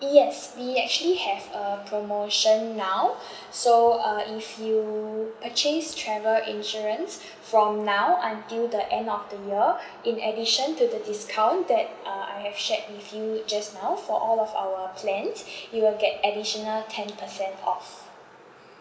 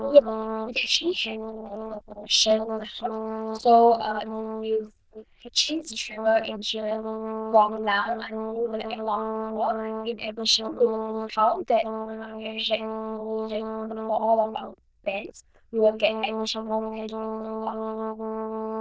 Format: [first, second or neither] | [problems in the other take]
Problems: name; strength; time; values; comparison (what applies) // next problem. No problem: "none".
first | noise reduction (neural diffusion model UNIVERSE++)